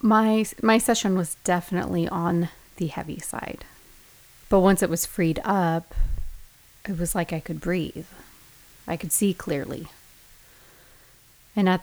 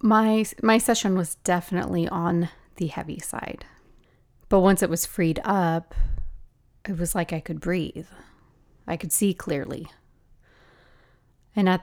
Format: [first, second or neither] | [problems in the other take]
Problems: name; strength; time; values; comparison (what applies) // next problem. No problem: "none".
second | hiss; faint; throughout; 25 dB below the speech